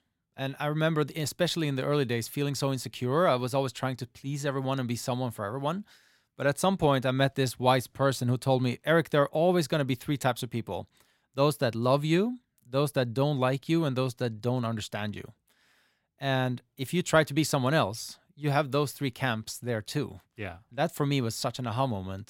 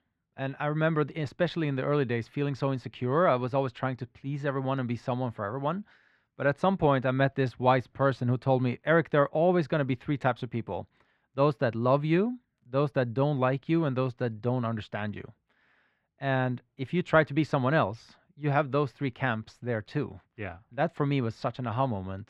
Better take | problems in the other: first | muffled; very; fading above 2 kHz

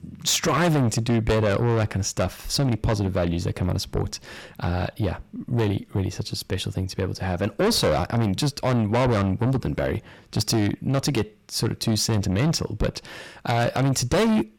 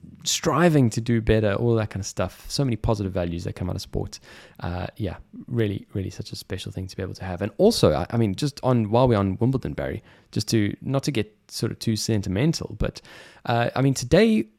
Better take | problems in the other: second | distortion; heavy; 6 dB below the speech

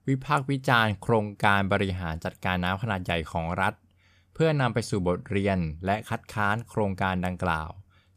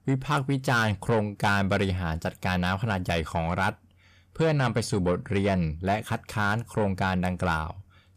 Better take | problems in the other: first | distortion; slight; 10 dB below the speech

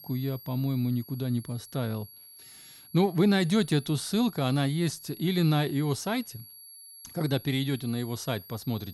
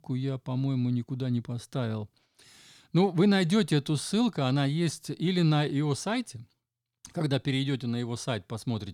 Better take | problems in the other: second | high-pitched whine; noticeable; throughout; 11.5 kHz, 20 dB below the speech

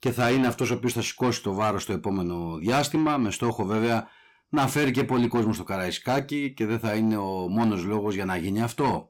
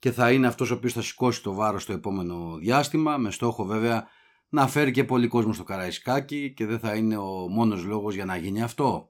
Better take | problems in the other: second | distortion; slight; 10 dB below the speech

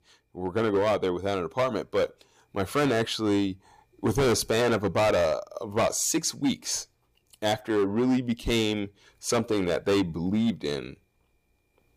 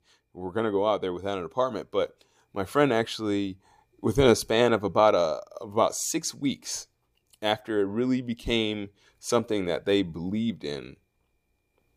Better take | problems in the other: second | distortion; heavy; 9% of the sound clipped

